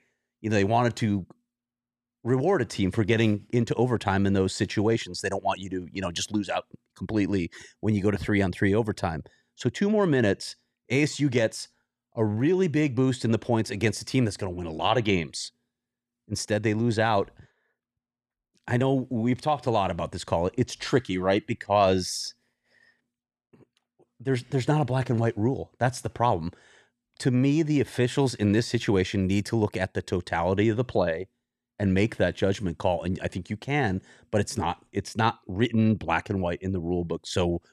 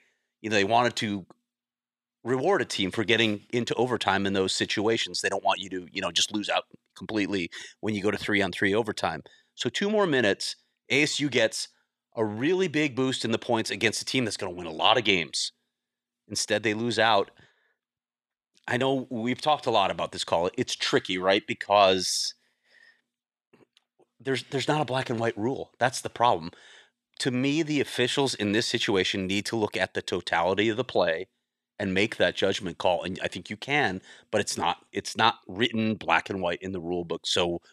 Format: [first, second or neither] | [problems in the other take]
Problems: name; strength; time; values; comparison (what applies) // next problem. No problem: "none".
first | thin; very slightly; fading below 950 Hz